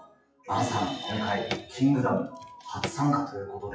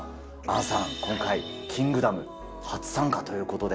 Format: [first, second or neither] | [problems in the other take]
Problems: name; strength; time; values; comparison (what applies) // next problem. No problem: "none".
second | noise reduction (classical method WPE with log-MMSE)